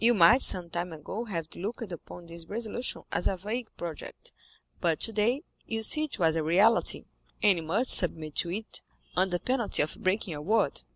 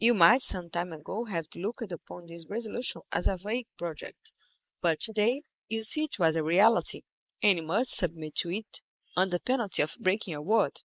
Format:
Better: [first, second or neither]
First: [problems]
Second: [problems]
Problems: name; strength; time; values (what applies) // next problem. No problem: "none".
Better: first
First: none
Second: noise reduction (neural mask model Resemble Enhance denoiser)